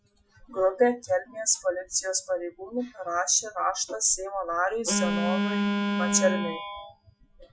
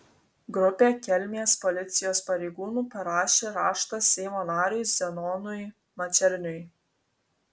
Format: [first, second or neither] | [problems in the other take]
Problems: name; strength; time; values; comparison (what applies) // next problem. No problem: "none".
second | noise reduction (classical method Wiener filter)